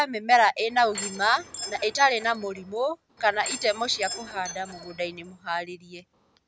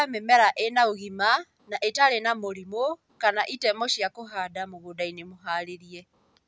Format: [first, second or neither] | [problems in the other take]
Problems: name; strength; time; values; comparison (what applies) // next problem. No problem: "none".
second | background sound (Door / Chime); 12 dB below the speech